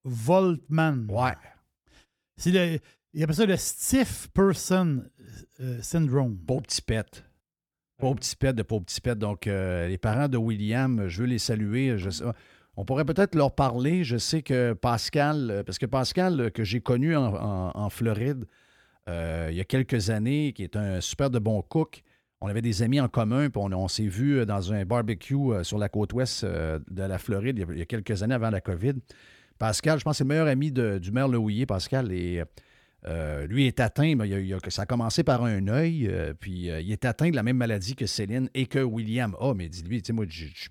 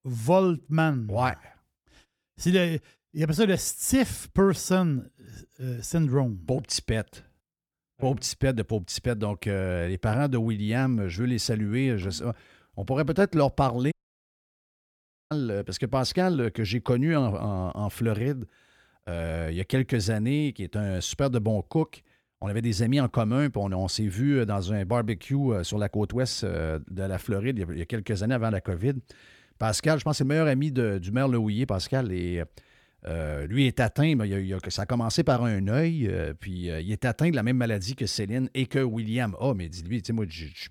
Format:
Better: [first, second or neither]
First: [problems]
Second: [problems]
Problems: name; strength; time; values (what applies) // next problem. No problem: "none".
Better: first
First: none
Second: audio cutting out; at 14 s for 1.5 s